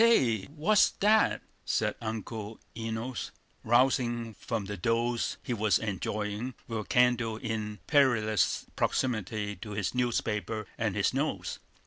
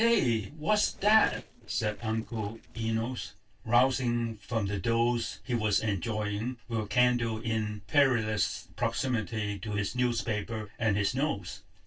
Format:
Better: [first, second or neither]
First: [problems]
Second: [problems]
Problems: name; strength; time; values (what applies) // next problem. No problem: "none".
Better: first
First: none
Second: noise reduction (neural separator model SepFormer DNS4)